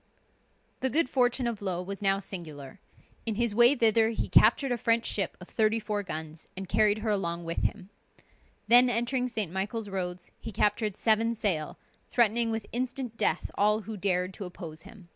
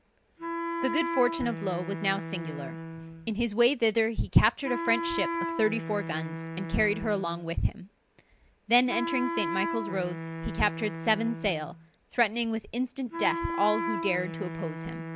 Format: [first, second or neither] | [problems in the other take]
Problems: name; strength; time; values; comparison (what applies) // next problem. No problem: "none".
first | background sound (Wind instrument, woodwind instrument); 6 dB below the speech